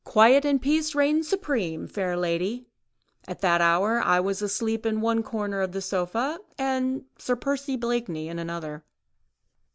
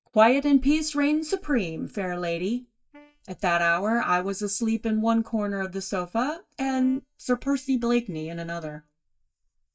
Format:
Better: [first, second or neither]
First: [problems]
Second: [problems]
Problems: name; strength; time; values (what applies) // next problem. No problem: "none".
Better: first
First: none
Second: noise reduction (neural mask model DeepFilterNet 3)